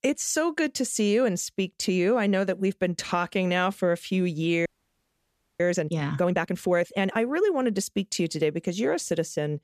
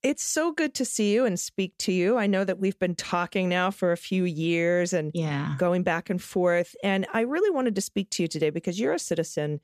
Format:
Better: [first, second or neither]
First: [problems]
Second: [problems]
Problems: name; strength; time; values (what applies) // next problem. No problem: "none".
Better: second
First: audio freezing; at 4.5 s for 1 s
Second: none